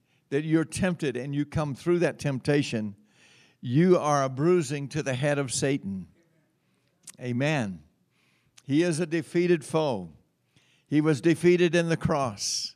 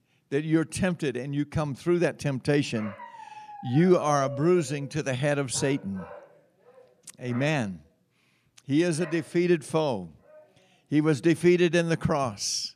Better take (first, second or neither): first